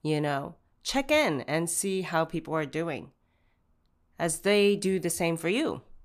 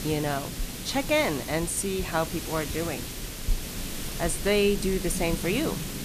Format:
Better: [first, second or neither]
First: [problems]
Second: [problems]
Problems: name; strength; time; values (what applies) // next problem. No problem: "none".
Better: first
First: none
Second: hiss; loud; throughout; 6 dB below the speech